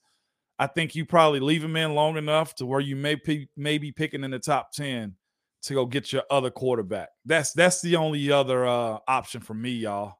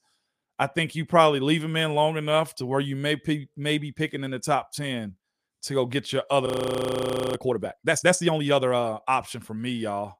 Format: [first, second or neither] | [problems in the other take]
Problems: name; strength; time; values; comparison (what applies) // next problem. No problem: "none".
first | audio freezing; at 6.5 s for 1 s